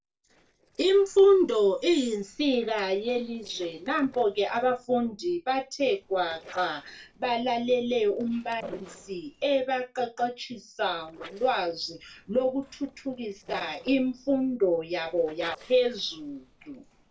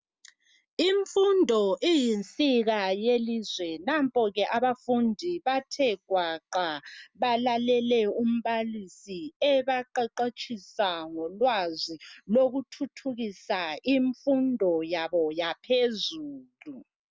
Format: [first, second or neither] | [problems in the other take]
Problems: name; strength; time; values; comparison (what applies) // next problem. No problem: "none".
second | noise reduction (neural separator model SepFormer DNS4)